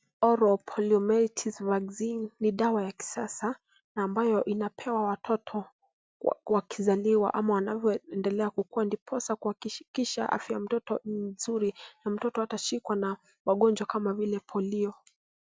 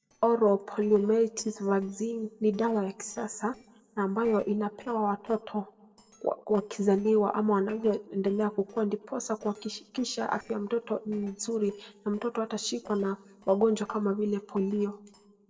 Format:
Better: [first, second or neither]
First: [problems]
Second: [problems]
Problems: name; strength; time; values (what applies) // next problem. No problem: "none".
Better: first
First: none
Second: noise reduction (neural separator model SepFormer DNS4)